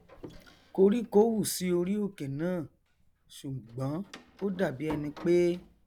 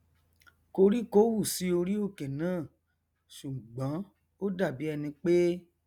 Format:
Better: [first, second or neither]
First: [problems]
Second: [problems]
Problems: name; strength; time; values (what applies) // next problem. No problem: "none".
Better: second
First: background sound (Door); 20 dB below the speech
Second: none